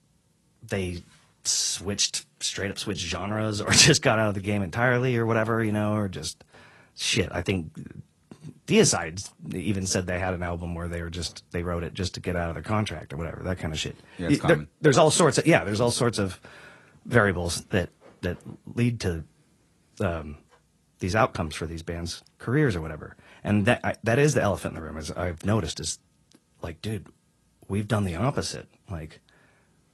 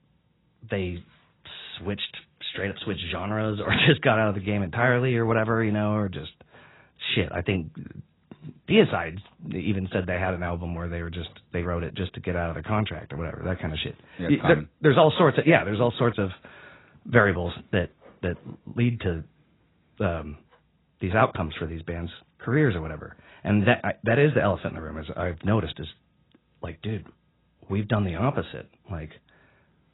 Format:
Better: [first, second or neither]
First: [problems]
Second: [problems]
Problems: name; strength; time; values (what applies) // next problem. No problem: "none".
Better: first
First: garbled, watery; slightly; nothing above 11.5 kHz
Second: garbled, watery; badly; nothing above 4 kHz